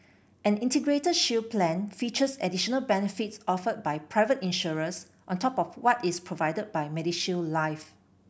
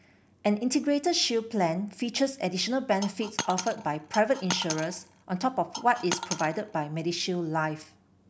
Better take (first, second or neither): first